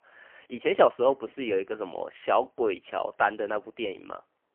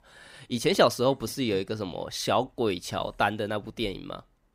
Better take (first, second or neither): second